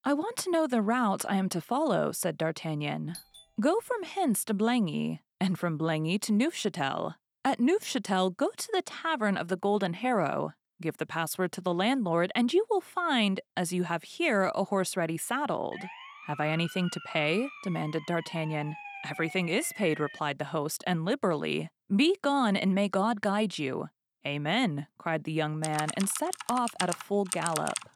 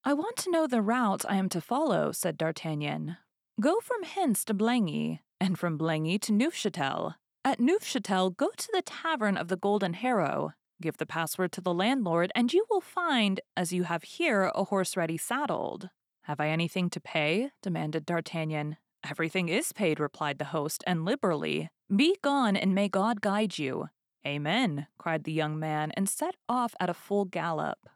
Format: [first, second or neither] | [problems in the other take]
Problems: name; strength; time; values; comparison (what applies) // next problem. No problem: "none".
second | doorbell; faint; at 3 s; peak 15 dB below the speech // siren; faint; from 16 to 20 s; peak 10 dB below the speech // keyboard typing; noticeable; from 26 s on; peak 4 dB below the speech